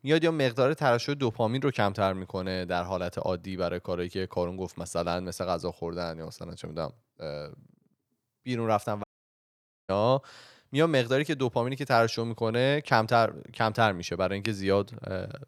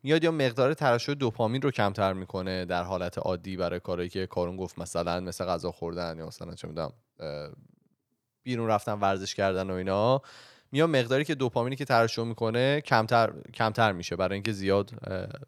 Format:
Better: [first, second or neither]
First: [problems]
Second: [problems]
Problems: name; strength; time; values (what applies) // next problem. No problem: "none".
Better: second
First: audio cutting out; at 9 s for 1 s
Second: none